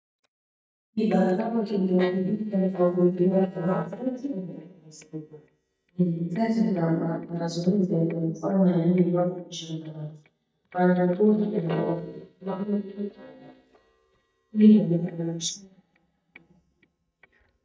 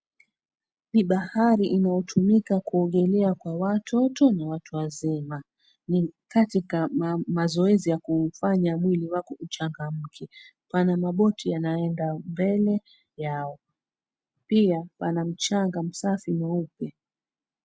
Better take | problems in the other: second | noise reduction (neural mask model DeepFilterNet 3)

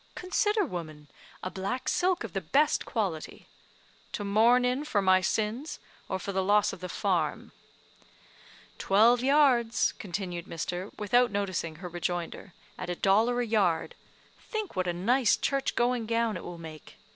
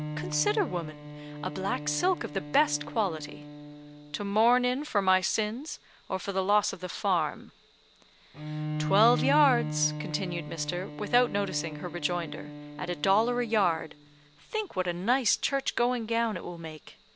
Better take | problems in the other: first | background sound (Bowed string instrument); 9 dB below the speech

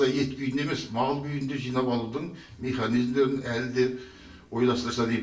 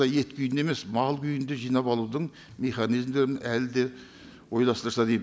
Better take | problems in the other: second | room echo; dies away in 0.3 s

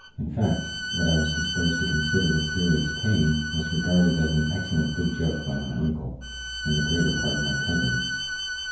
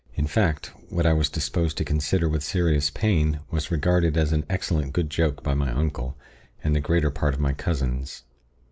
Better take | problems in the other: second | background sound (Bowed string instrument); 6 dB below the speech // room echo; dies away in 0.9 s

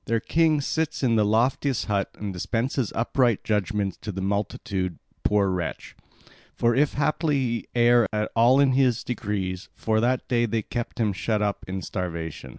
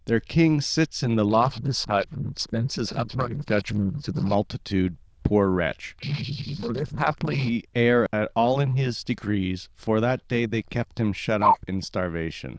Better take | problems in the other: first | noise reduction (neural diffusion model UNIVERSE++)

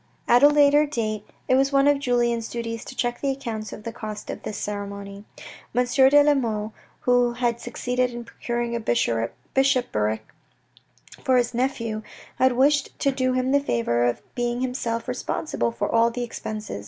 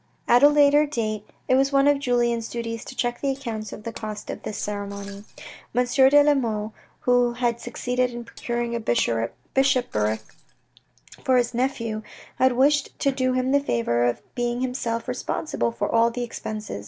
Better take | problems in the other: first | noise reduction (neural separator model SepFormer DNS4)

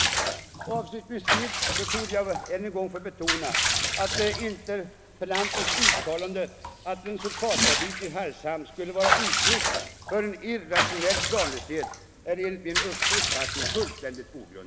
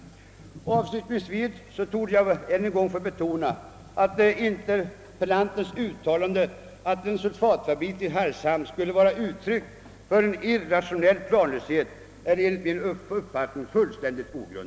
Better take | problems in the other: second | background sound (Bathtub (filling or washing) / Water / Liquid); 3 dB above the speech

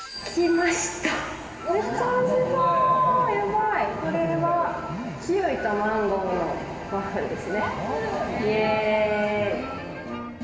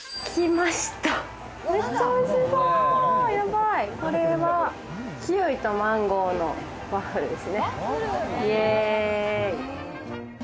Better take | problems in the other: second | background sound (Telephone); 18 dB below the speech // room echo; dies away in 2.1 s

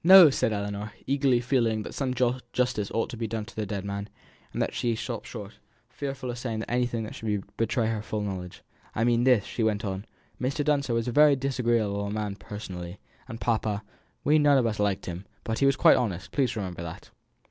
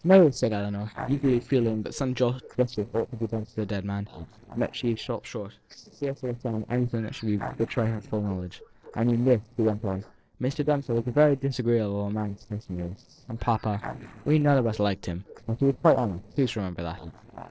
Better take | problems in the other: first | noise reduction (neural separator model SepFormer DNS4)

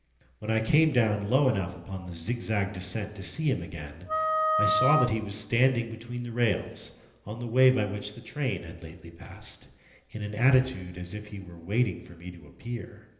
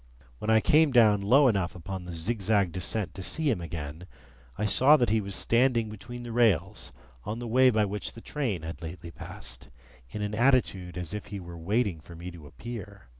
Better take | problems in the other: second | background sound (Wind instrument, woodwind instrument); 1 dB above the speech // room echo; dies away in 1.4 s

